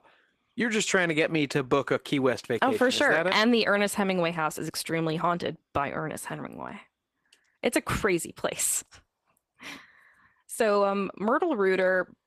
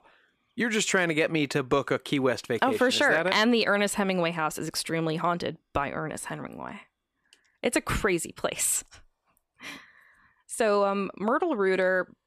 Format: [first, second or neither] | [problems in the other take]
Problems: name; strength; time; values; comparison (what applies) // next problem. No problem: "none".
second | garbled, watery; slightly; nothing above 14.5 kHz